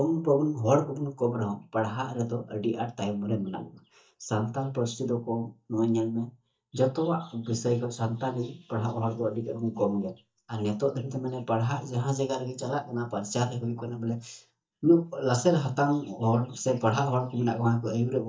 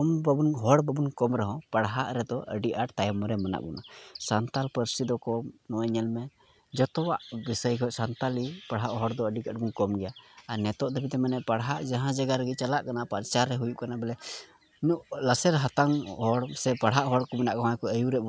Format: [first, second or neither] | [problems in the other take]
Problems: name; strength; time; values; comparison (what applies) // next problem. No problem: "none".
second | noise reduction (neural mask model DeepFilterNet 3)